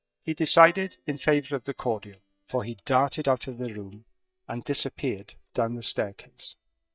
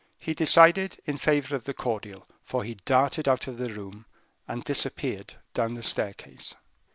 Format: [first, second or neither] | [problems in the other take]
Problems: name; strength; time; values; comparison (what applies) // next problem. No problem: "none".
second | noise reduction (neural mask model DeepFilterNet 3)